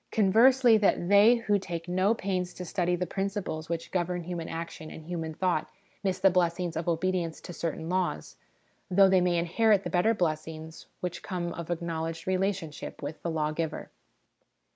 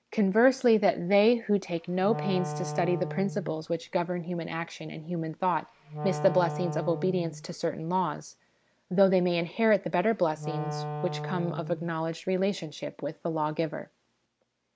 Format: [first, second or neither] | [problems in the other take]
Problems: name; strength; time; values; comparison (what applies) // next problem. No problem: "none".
first | background sound (Wind instrument, woodwind instrument); 8 dB below the speech